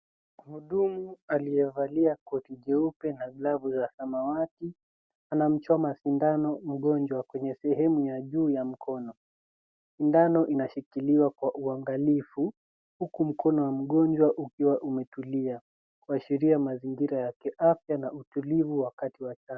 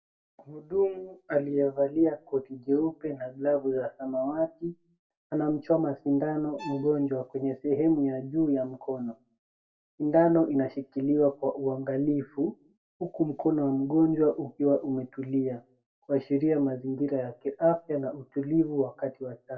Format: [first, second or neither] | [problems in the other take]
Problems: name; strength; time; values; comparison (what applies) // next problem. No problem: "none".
first | background sound (Bowed string instrument); 20 dB below the speech // room echo; dies away in 0.2 s